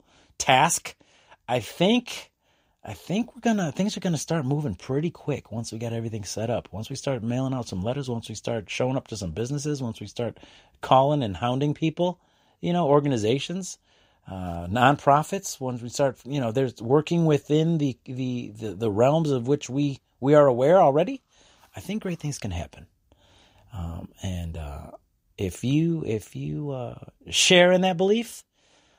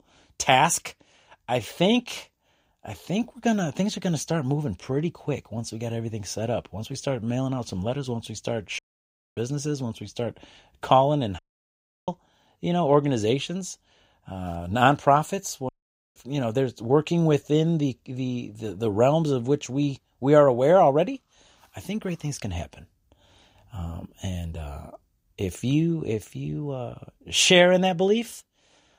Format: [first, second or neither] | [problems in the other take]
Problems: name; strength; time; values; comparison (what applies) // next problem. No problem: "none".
first | audio cutting out; at 9 s for 0.5 s, at 11 s for 0.5 s and at 16 s